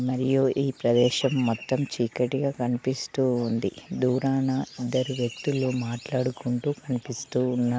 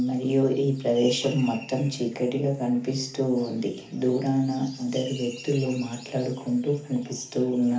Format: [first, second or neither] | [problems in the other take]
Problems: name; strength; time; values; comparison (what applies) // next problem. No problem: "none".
first | room echo; dies away in 0.4 s